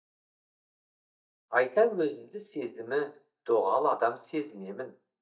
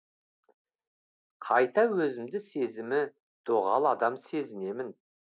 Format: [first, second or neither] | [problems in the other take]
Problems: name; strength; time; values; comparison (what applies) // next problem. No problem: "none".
second | noise reduction (neural mask model DeepFilterNet 3)